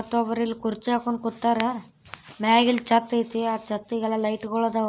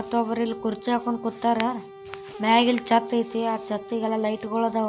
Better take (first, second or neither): first